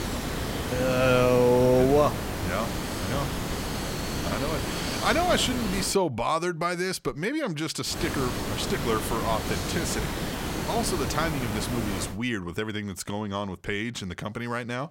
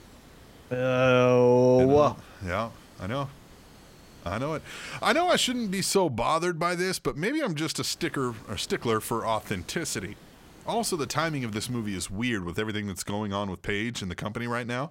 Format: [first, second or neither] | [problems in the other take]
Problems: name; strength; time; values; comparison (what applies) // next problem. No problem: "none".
second | hiss; loud; until 6 s and from 8 to 12 s; 4 dB below the speech; faint in the second